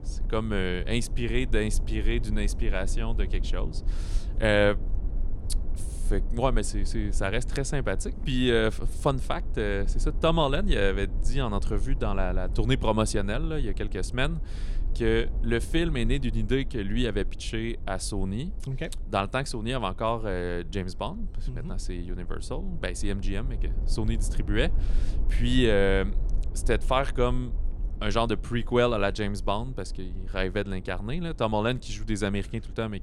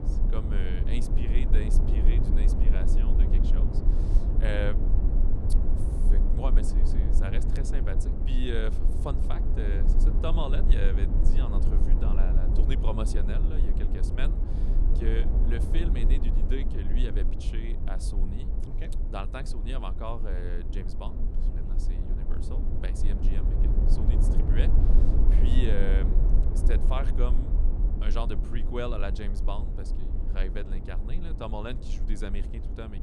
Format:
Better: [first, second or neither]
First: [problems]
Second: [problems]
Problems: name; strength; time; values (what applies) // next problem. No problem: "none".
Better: first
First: low rumble; faint; throughout; 20 dB below the speech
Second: low rumble; loud; throughout; 4 dB below the speech